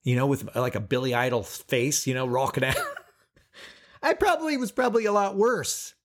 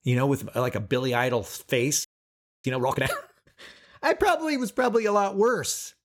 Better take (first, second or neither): first